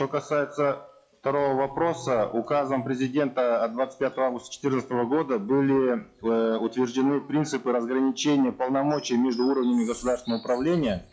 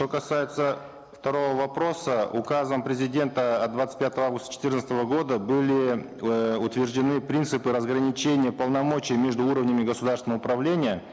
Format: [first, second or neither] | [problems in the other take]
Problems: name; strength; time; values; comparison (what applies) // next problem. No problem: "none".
second | noise reduction (classical method log-MMSE)